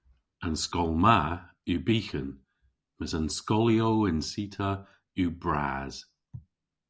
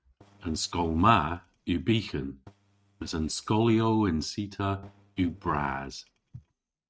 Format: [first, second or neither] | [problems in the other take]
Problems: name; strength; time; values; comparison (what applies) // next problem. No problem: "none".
first | noise reduction (neural mask model RNNoise)